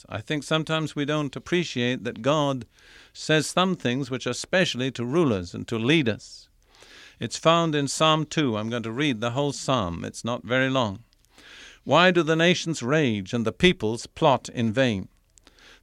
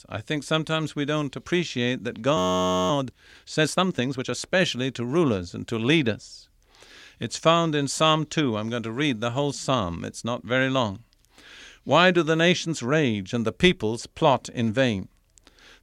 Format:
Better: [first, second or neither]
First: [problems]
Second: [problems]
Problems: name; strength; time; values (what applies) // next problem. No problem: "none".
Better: first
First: none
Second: audio freezing; at 2.5 s for 0.5 s